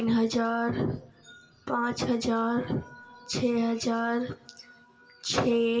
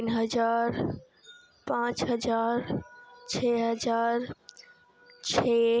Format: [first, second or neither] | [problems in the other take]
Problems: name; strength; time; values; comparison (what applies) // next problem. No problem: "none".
second | room echo; dies away in 0.8 s